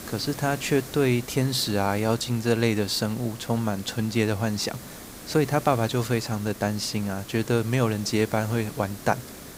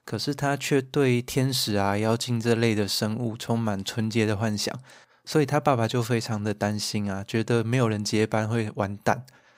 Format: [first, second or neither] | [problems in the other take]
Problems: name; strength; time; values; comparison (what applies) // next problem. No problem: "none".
second | hiss; noticeable; throughout; 15 dB below the speech